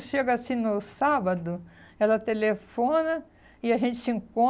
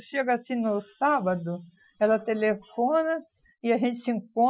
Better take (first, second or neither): first